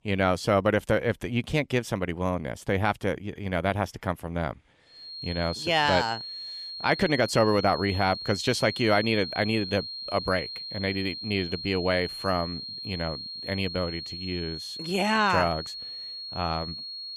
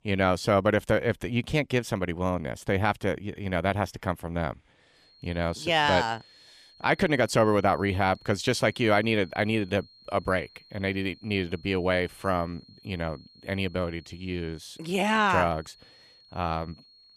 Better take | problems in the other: second | high-pitched whine; loud; from 5 s on; 4 kHz, 8 dB below the speech; faint in the second

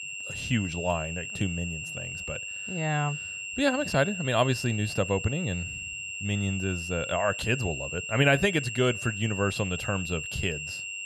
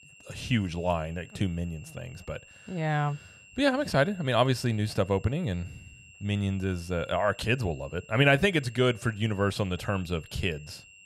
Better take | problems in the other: second | high-pitched whine; loud; throughout; 2.5 kHz, 5 dB below the speech; faint in the second

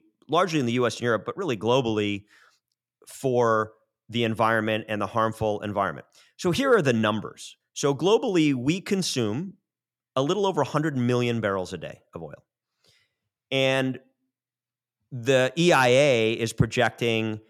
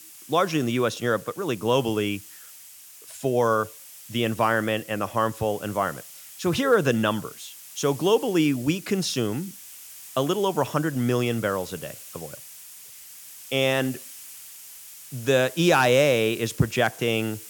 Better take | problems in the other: first | hiss; noticeable; throughout; 15 dB below the speech

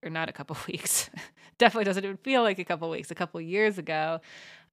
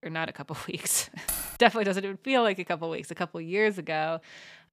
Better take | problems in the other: first | jangling keys; noticeable; at 1.5 s; peak 3 dB below the speech

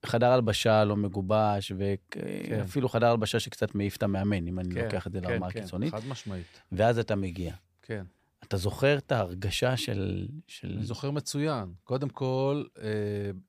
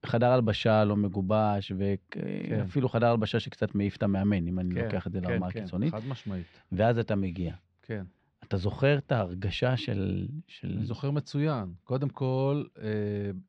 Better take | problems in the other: first | muffled; very slightly; fading above 4 kHz

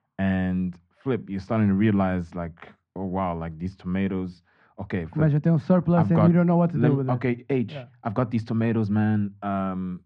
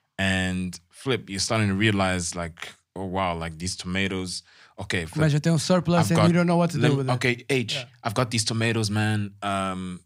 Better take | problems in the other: second | muffled; very; fading above 1.5 kHz

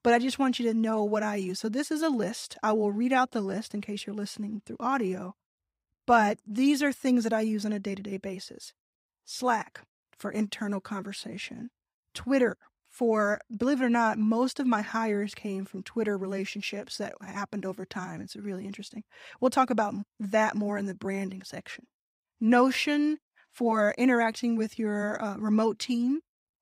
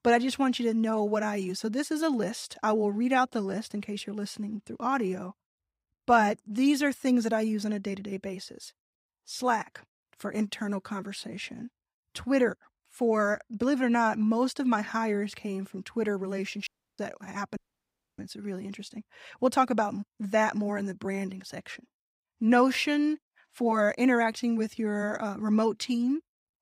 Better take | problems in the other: first | audio cutting out; at 17 s and at 18 s for 0.5 s

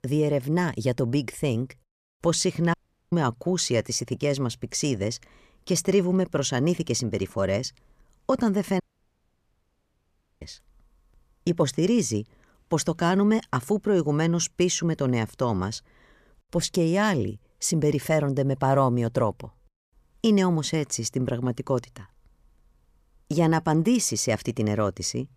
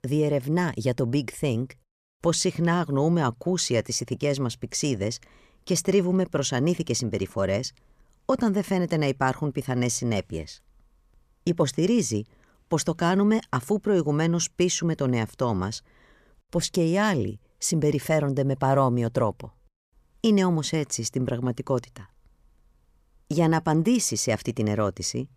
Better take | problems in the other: second | audio cutting out; at 2.5 s and at 9 s for 1.5 s

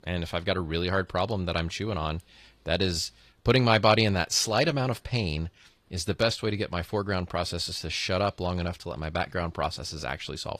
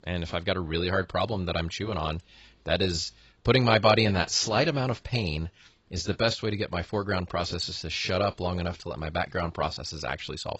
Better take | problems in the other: first | garbled, watery; badly; nothing above 7.5 kHz; slightly in the first

